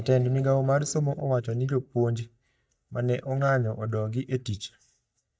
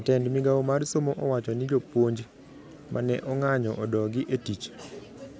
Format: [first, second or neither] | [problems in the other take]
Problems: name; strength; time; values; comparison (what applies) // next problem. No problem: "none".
second | noise reduction (neural mask model DeepFilterNet 3)